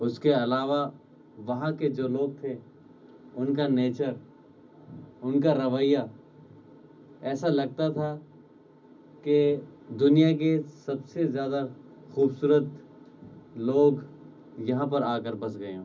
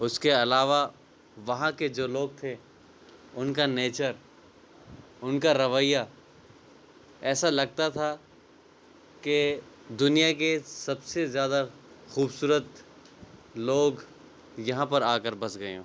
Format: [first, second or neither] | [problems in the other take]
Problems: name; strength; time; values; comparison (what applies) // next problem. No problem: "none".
second | room echo; dies away in 0.4 s